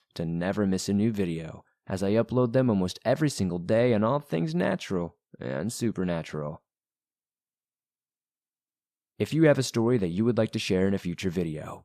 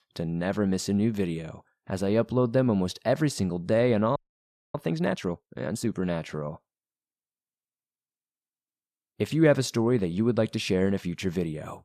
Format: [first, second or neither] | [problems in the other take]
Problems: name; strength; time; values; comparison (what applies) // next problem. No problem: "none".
first | audio freezing; at 4 s for 0.5 s